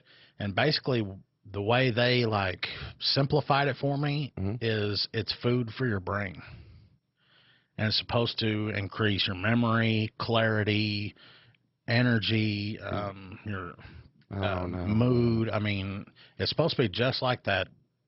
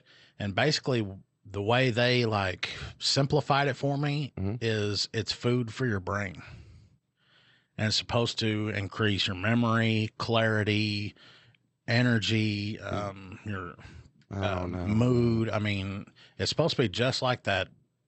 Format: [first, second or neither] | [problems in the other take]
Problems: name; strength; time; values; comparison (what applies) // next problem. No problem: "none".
second | garbled, watery; badly; nothing above 5.5 kHz; slightly in the second